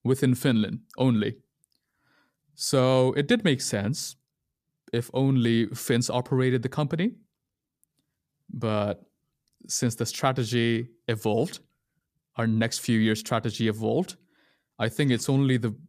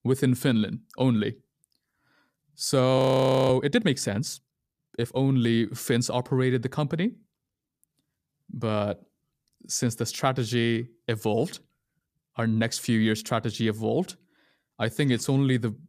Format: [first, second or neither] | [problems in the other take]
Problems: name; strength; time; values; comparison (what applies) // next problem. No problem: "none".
first | audio freezing; at 3 s for 0.5 s